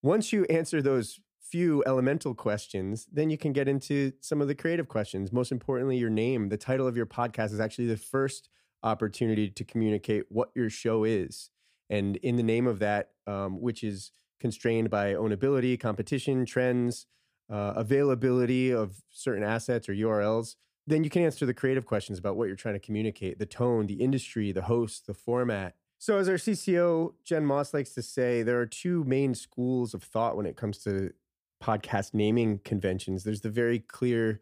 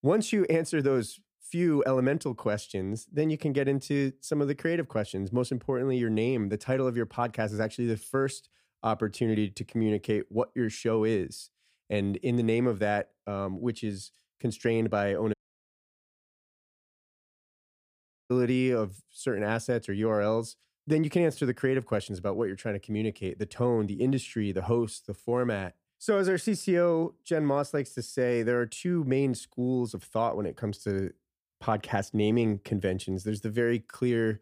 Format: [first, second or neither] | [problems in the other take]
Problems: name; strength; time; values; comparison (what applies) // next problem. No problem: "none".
first | audio cutting out; at 15 s for 3 s